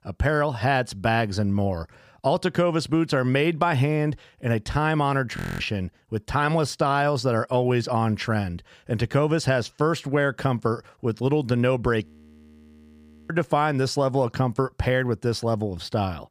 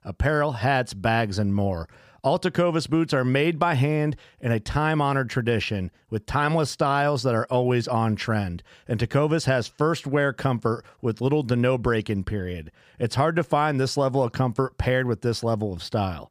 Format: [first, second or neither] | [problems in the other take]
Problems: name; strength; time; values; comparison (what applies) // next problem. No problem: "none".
second | audio freezing; at 5.5 s and at 12 s for 1 s